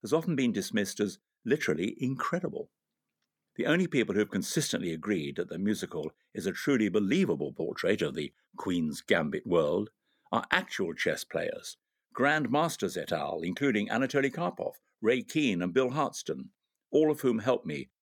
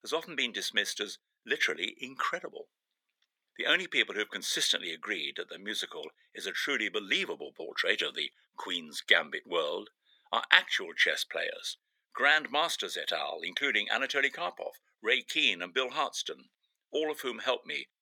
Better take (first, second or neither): first